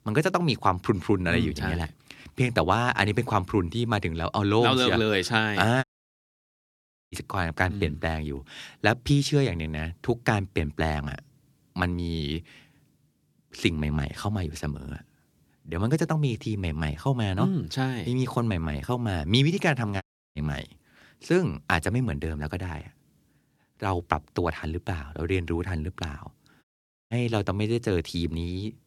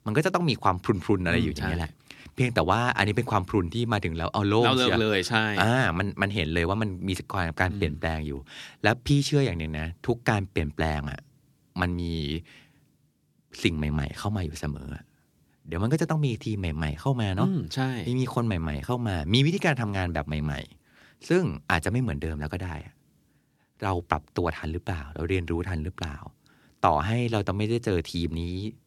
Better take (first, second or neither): second